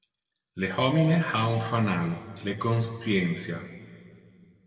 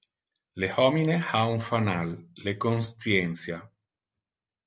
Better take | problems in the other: second | room echo; dies away in 2 s

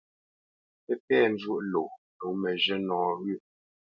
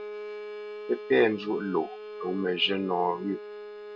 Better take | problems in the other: first | background sound (Bowed string instrument); 11 dB below the speech

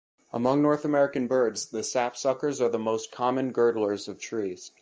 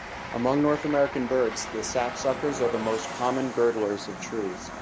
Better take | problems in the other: first | background sound (Train); 9 dB below the speech

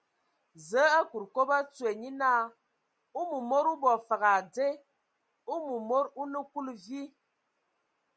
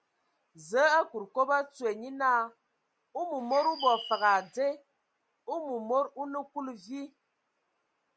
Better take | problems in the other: first | background sound (Bird); 12 dB below the speech

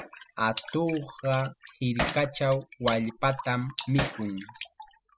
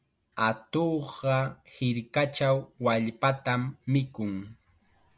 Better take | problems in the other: second | noise reduction (classical method spectral subtraction)

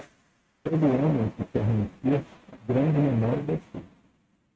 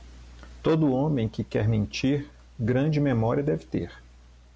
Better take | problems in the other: second | noise reduction (neural mask model RNNoise)

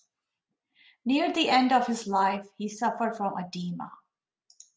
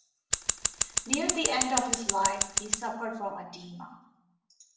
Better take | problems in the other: first | background sound (Scissors); 4 dB above the speech // room echo; dies away in 0.7 s

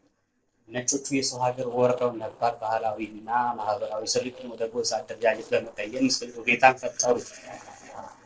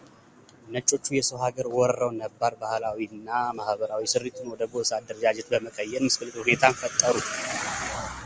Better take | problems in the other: second | noise reduction (neural separator model SepFormer DNS4)

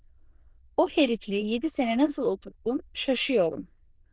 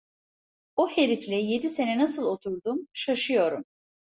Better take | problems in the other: second | noise reduction (neural diffusion model UNIVERSE++)

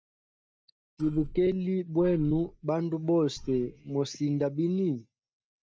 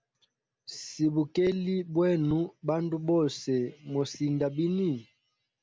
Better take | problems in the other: second | noise reduction (neural mask model DeepFilterNet 3)

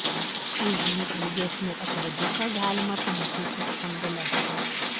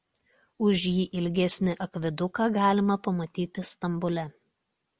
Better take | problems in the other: second | background sound (Rain); 3 dB above the speech

